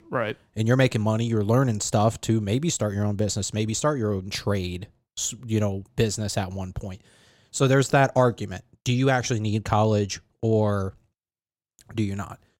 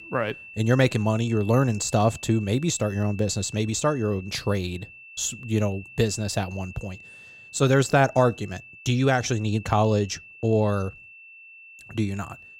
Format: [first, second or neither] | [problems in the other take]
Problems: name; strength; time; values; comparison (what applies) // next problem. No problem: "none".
first | high-pitched whine; noticeable; throughout; 2.5 kHz, 20 dB below the speech